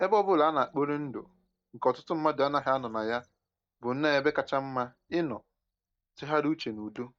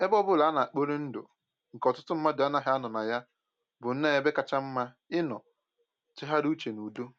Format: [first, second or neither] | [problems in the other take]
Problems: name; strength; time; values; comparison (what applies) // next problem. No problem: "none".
second | noise reduction (neural mask model DeepFilterNet 3)